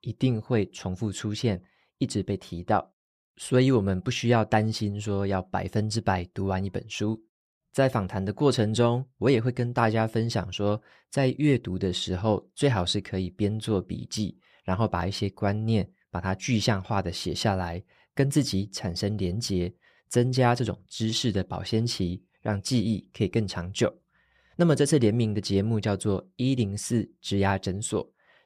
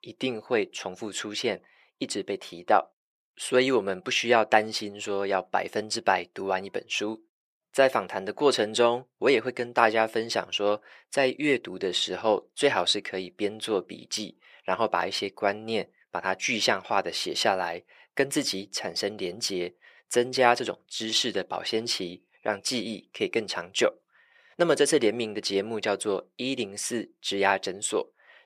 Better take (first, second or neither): first